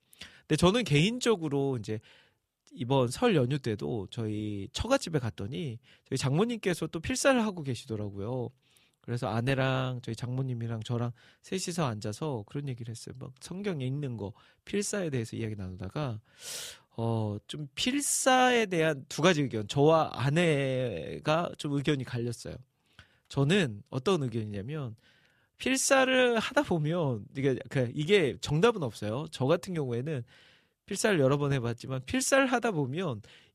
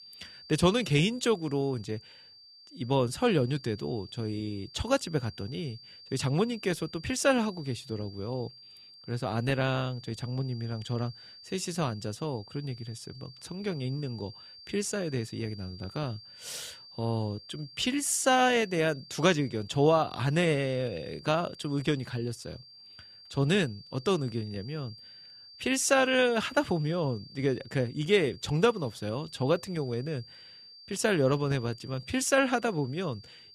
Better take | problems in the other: first | high-pitched whine; noticeable; throughout; 4.5 kHz, 20 dB below the speech

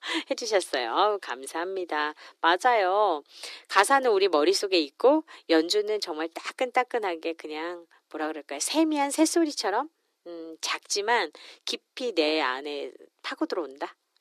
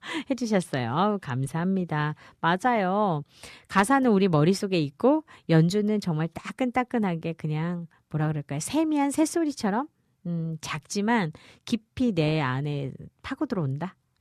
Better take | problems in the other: second | thin; very; fading below 300 Hz

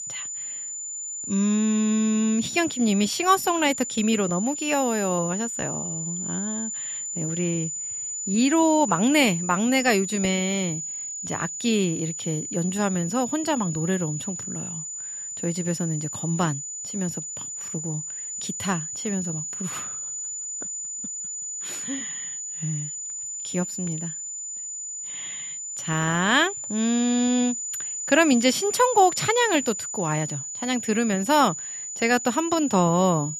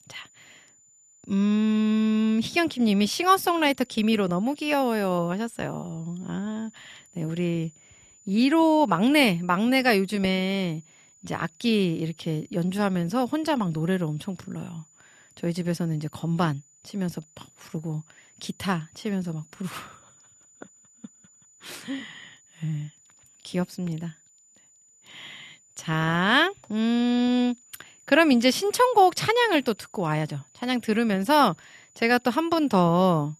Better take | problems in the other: second | high-pitched whine; loud; throughout; 7 kHz, 6 dB below the speech; faint in the second

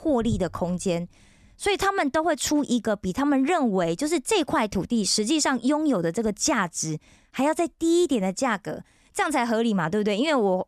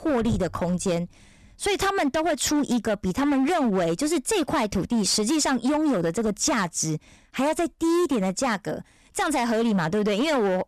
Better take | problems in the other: first | distortion; slight; 18% of the sound clipped

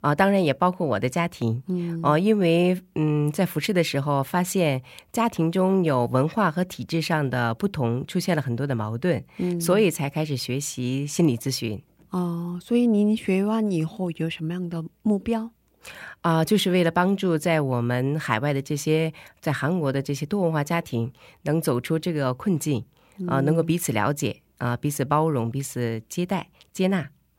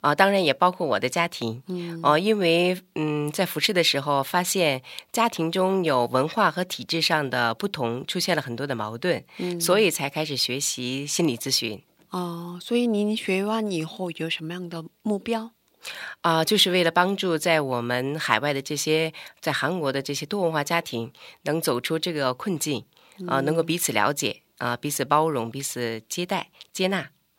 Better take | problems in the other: first | thin; very slightly; fading below 500 Hz

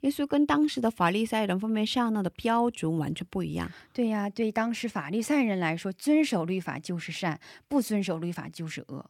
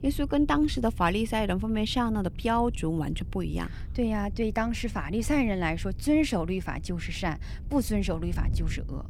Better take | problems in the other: first | wind noise on the microphone; occasional gusts; 25 dB below the speech

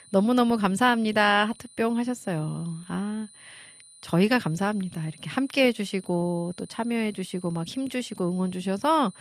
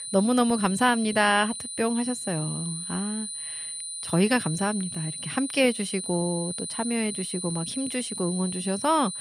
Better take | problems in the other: first | high-pitched whine; loud; throughout; 9.5 kHz, 6 dB below the speech; faint in the first

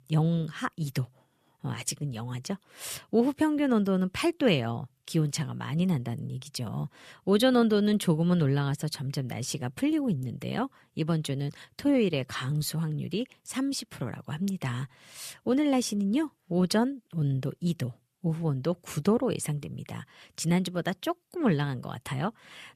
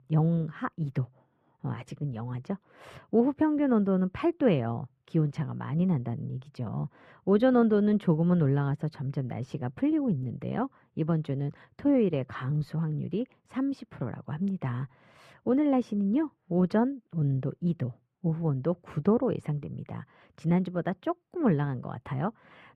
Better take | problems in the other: first | muffled; very; fading above 3.5 kHz

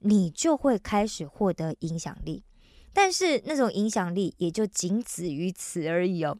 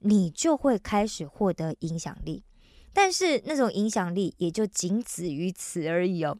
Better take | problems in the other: neither | none

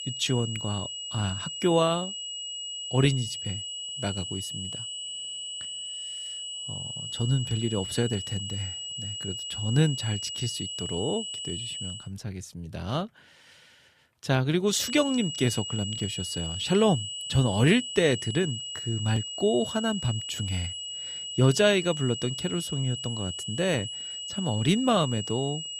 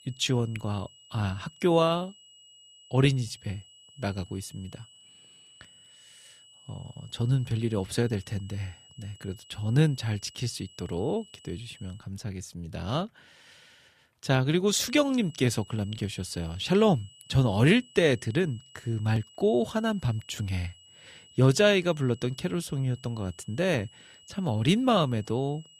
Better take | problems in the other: second | high-pitched whine; loud; until 12 s and from 15 s on; 3 kHz, 6 dB below the speech; faint in the second

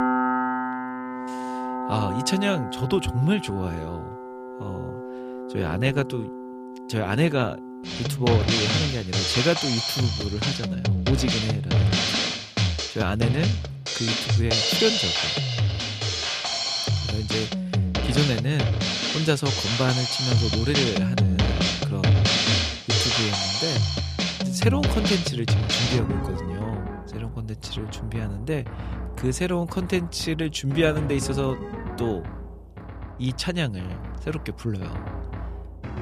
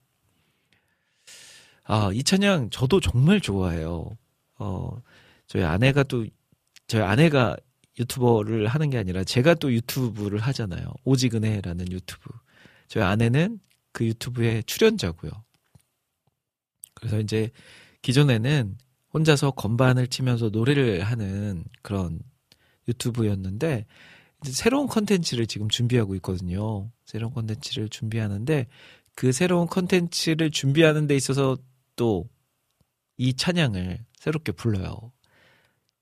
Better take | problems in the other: second | background music; very loud; throughout; 2 dB above the speech

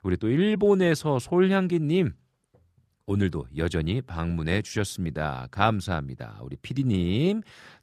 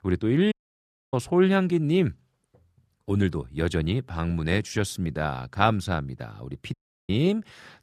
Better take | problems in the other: first | audio cutting out; at 0.5 s for 0.5 s and at 6.5 s

